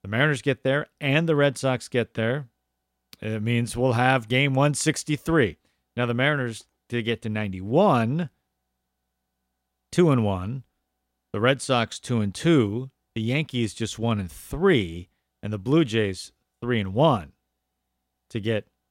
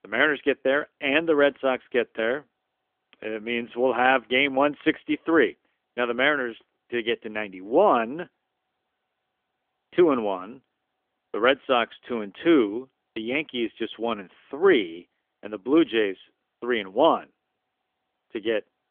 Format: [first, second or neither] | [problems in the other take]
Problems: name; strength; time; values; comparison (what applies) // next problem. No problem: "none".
first | phone-call audio; nothing above 3.5 kHz